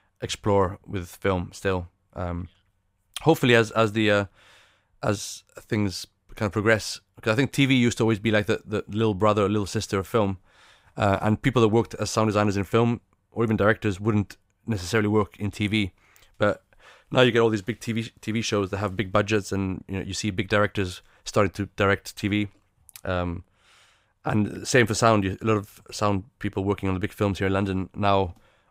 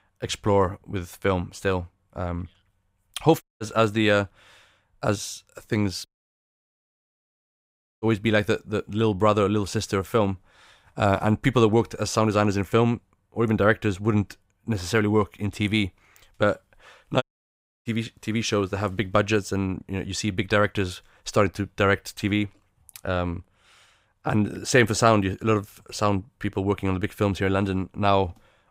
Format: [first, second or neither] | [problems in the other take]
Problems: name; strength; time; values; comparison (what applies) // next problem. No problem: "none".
first | audio cutting out; at 3.5 s, at 6 s for 2 s and at 17 s for 0.5 s